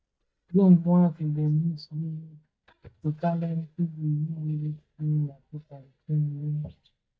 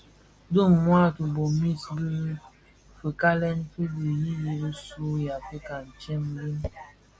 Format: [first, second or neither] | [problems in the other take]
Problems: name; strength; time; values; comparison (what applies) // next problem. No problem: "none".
second | noise reduction (neural mask model DeepFilterNet 3)